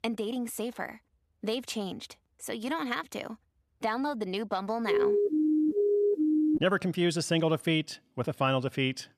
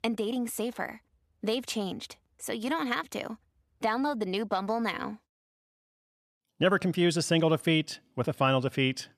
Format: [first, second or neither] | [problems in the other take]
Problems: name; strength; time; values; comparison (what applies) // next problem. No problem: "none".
second | siren; loud; from 5 to 6.5 s; peak 5 dB above the speech